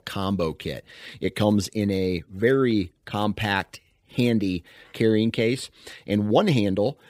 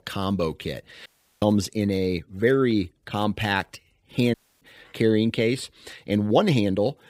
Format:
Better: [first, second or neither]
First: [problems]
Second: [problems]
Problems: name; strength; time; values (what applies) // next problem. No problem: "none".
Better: first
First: none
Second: audio cutting out; at 1 s and at 4.5 s